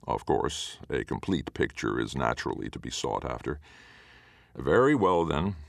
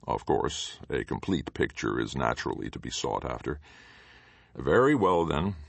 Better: first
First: none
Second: garbled, watery; slightly; nothing above 8 kHz

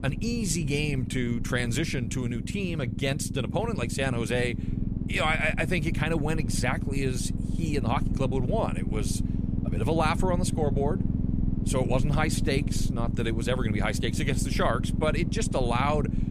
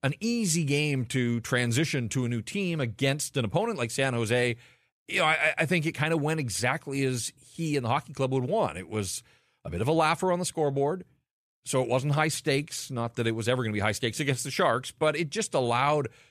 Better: second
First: low rumble; loud; throughout; 10 dB below the speech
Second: none

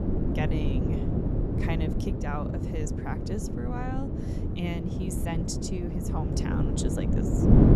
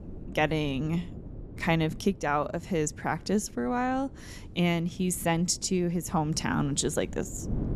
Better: second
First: wind noise on the microphone; heavy; 2 dB above the speech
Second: wind noise on the microphone; occasional gusts; 20 dB below the speech

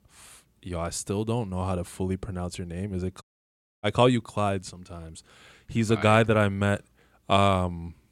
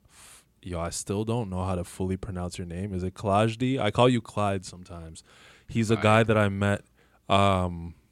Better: second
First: audio cutting out; at 3 s for 0.5 s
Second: none

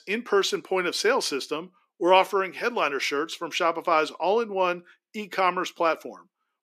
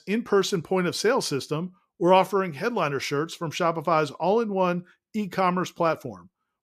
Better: second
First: thin; somewhat; fading below 250 Hz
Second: none

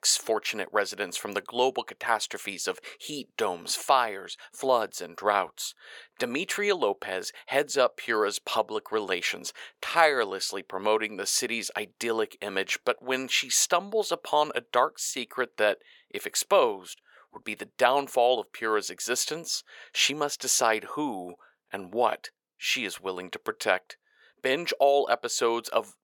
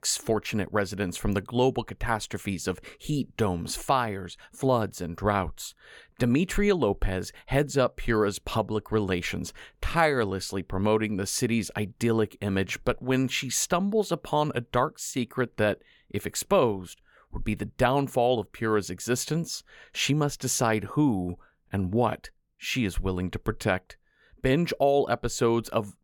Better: second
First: thin; very; fading below 550 Hz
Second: none

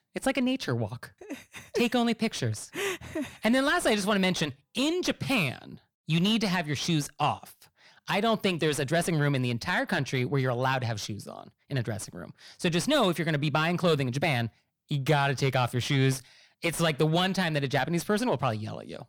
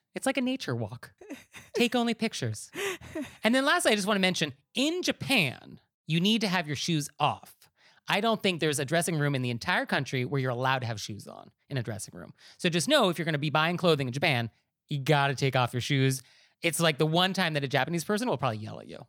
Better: second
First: distortion; slight; 10 dB below the speech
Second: none

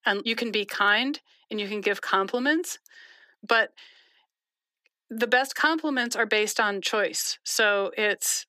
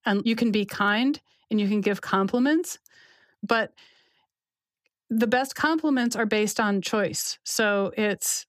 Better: second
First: thin; somewhat; fading below 350 Hz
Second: none

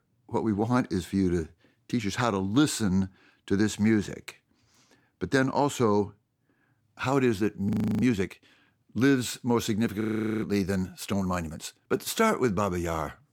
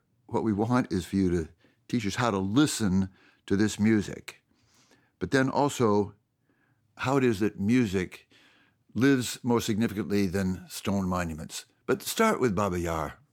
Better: second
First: audio freezing; at 7.5 s and at 10 s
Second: none

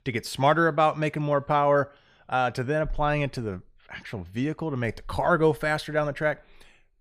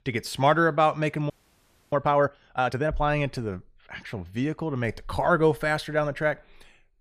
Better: first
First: none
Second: audio freezing; at 1.5 s for 0.5 s

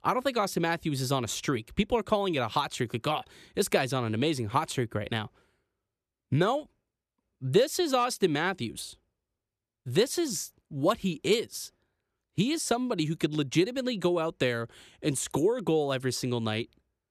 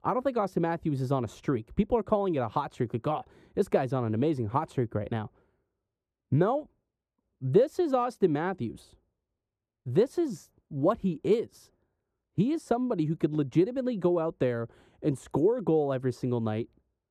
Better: first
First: none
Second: muffled; very; fading above 1.5 kHz

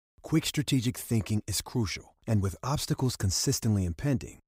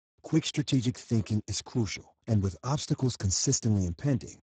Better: first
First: none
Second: garbled, watery; badly; nothing above 7.5 kHz

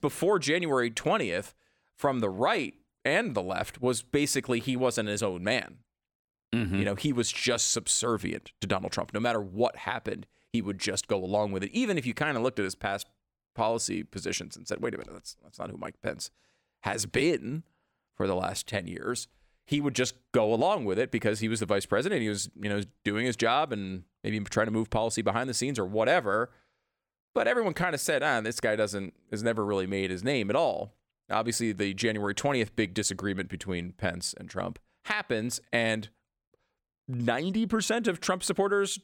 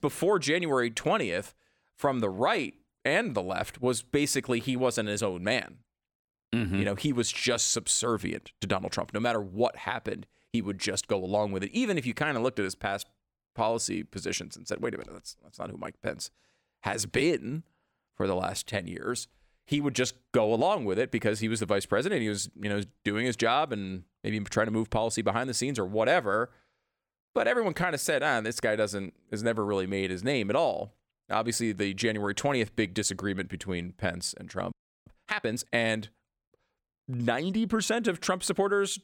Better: first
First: none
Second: audio freezing; at 35 s

